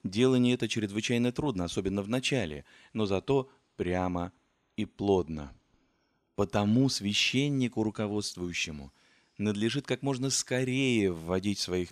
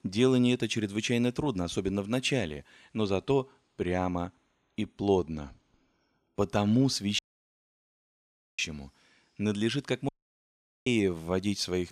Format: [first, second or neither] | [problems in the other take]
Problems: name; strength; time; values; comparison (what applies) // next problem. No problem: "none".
first | audio cutting out; at 7 s for 1.5 s and at 10 s for 1 s